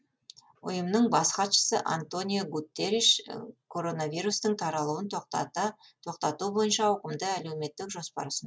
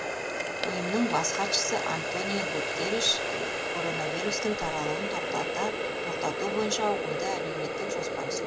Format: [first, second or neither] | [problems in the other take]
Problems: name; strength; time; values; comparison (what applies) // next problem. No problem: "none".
first | background sound (Water tap, faucet); 1 dB above the speech